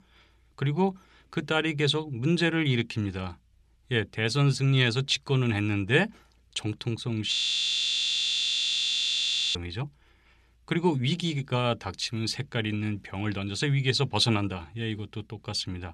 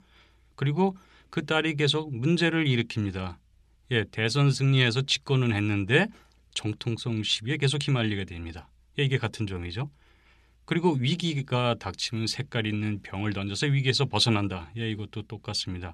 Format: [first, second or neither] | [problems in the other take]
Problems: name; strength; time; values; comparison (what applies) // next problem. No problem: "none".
second | audio freezing; at 7.5 s for 2 s